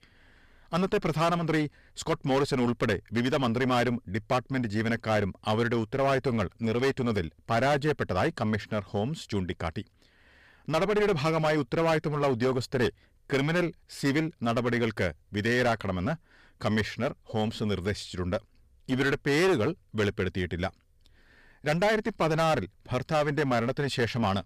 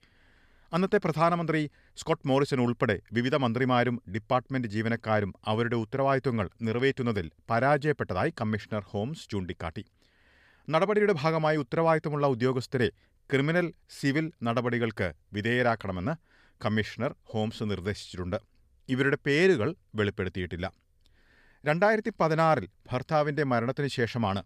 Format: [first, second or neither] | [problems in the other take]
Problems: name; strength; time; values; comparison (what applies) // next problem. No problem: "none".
second | distortion; heavy; 12% of the sound clipped